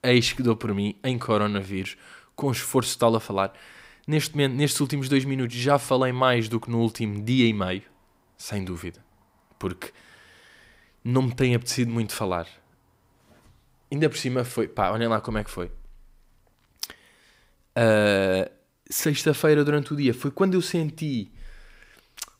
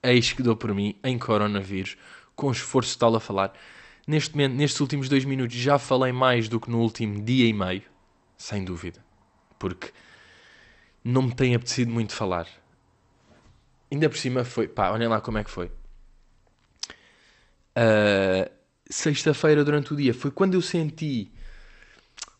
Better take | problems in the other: first | garbled, watery; slightly; nothing above 8 kHz

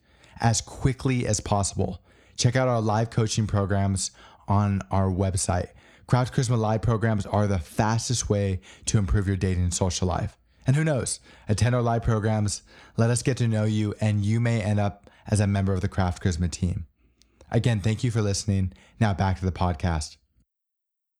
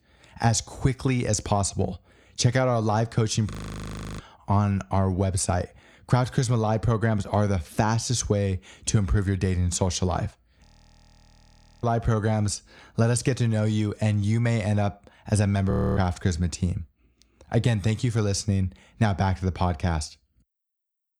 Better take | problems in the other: first | audio freezing; at 3.5 s for 0.5 s, at 11 s for 1 s and at 16 s

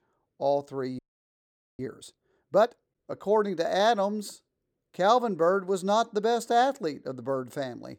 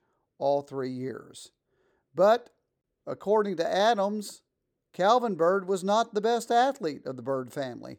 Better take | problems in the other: second | audio freezing; at 1 s for 1 s

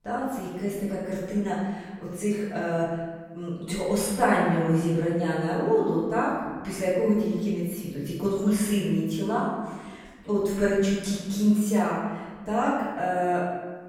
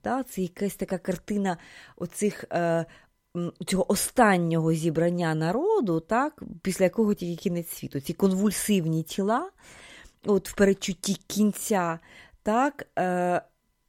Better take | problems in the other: second | off-mic speech; far // room echo; noticeable; dies away in 1.3 s

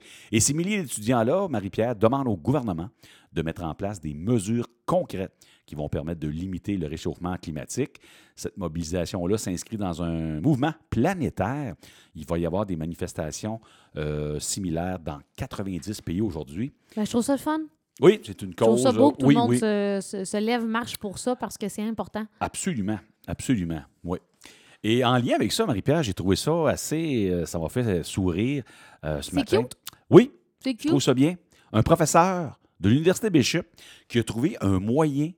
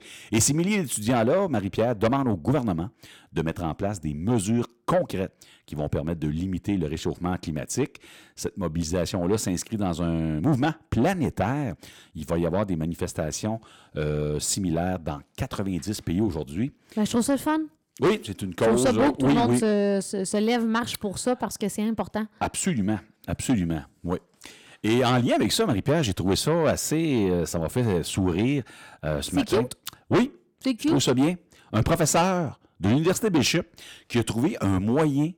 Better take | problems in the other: first | distortion; heavy; 7 dB below the speech

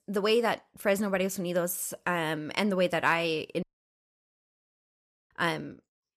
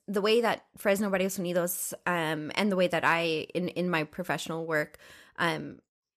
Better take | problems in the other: second | audio cutting out; at 3.5 s for 1.5 s

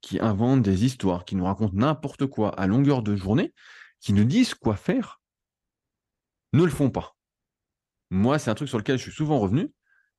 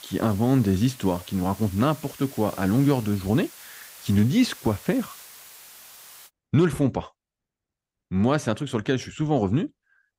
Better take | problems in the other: first | hiss; noticeable; until 6.5 s; 20 dB below the speech

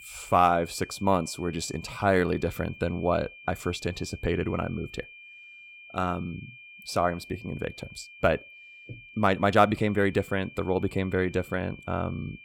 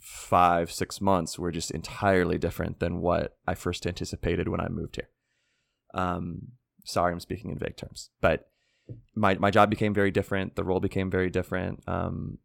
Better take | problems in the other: second | high-pitched whine; noticeable; throughout; 2.5 kHz, 20 dB below the speech

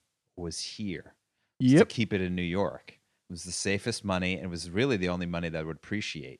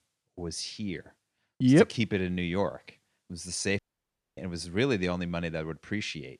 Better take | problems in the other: first | audio cutting out; at 4 s for 0.5 s

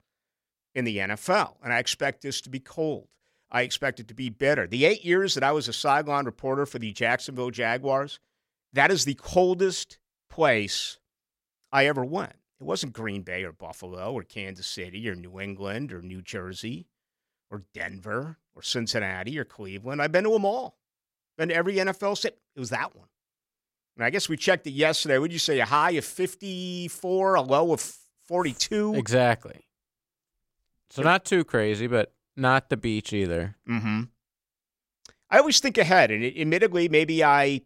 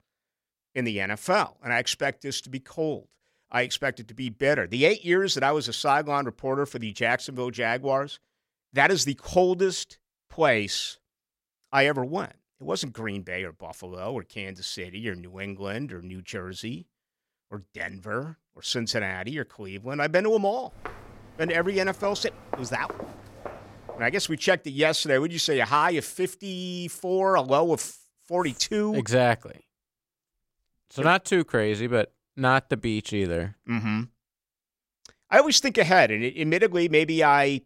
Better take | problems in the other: first | footsteps; faint; from 21 to 24 s; peak 10 dB below the speech

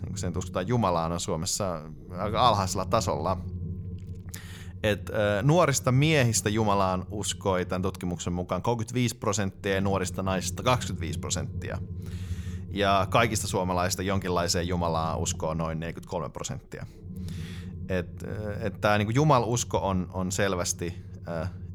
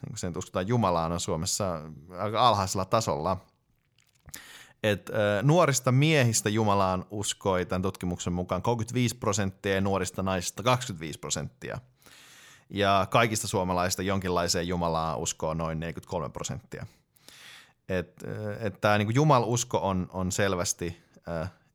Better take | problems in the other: second | low rumble; faint; throughout; 25 dB below the speech

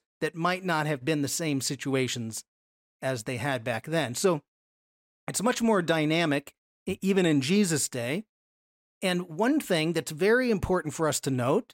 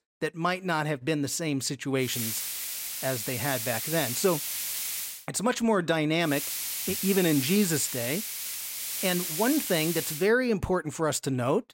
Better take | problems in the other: first | hiss; loud; from 2 to 5 s and from 6.5 to 10 s; 3 dB below the speech

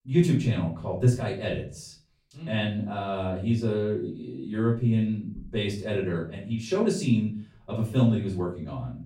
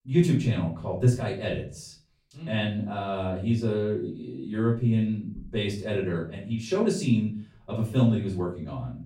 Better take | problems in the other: neither | off-mic speech; far; the same in both // room echo; slight; dies away in 0.4 s; the same in both

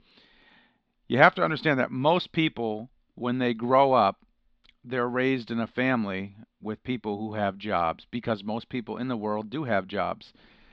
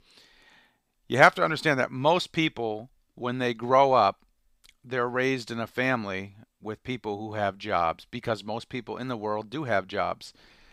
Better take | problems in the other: second | muffled; very slightly; fading above 3.5 kHz

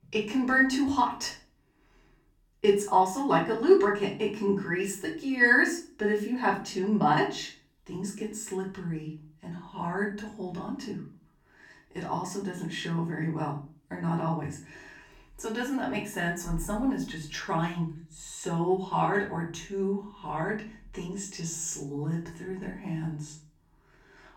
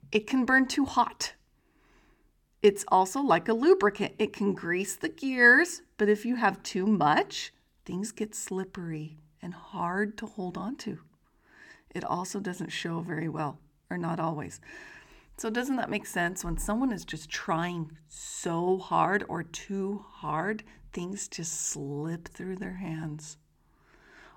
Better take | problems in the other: second | off-mic speech; far // room echo; slight; dies away in 0.4 s

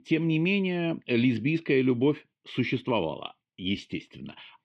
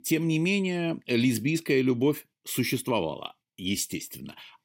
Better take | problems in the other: second | muffled; very; fading above 3 kHz

